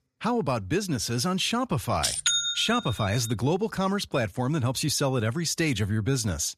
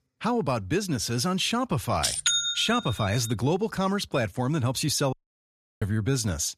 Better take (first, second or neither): first